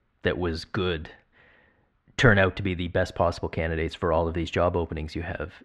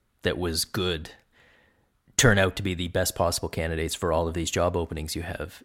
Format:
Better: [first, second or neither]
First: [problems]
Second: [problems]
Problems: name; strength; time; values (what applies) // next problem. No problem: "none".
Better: second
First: muffled; slightly; fading above 2.5 kHz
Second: none